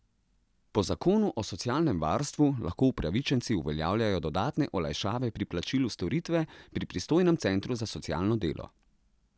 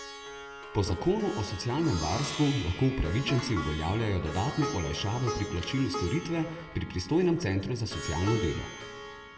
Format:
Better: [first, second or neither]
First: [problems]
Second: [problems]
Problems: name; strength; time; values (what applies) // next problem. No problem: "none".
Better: first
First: none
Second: background sound (Plucked string instrument); 10 dB below the speech // room echo; dies away in 1.4 s